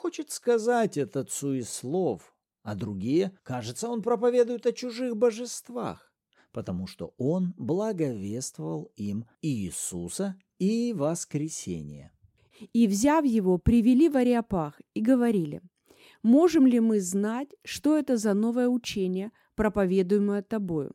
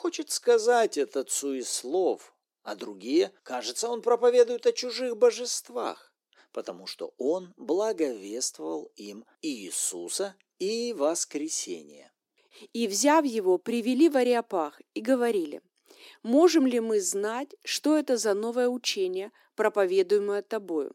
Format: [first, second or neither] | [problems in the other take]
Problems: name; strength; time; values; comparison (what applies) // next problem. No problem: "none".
first | thin; somewhat; fading below 300 Hz